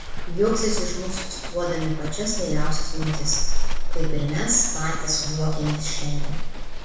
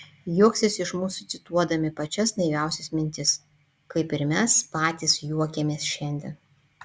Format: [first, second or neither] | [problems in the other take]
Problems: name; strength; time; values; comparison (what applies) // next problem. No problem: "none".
second | background sound (Livestock, farm animals, working animals); 5 dB above the speech // room echo; dies away in 1 s